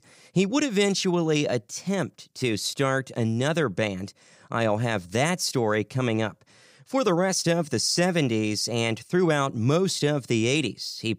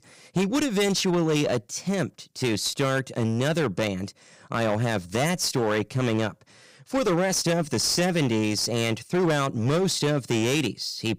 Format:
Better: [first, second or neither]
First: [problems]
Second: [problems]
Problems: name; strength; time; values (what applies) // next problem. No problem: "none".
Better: first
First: none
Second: distortion; slight; 15% of the sound clipped